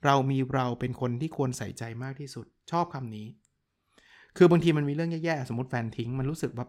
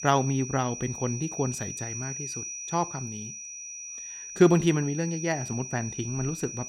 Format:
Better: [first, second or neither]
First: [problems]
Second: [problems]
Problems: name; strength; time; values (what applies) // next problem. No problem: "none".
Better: first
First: none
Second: high-pitched whine; loud; throughout; 6 kHz, 8 dB below the speech